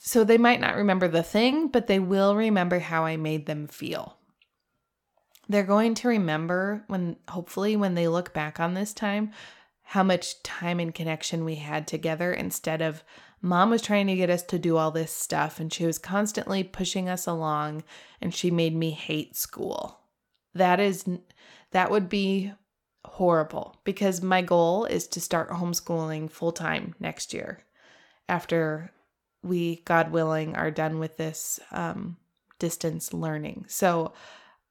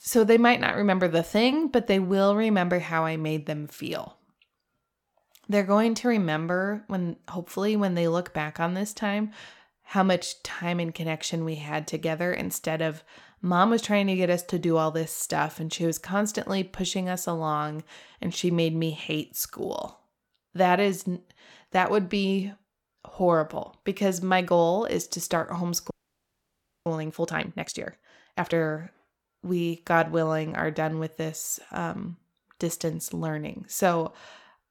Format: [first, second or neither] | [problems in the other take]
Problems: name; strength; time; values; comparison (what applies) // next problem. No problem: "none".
first | audio freezing; at 26 s for 1 s